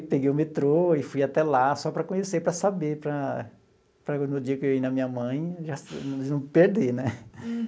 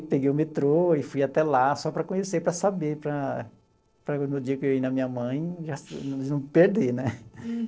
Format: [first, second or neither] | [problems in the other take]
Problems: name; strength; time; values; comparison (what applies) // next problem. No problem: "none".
first | noise reduction (neural separator model SepFormer DNS4)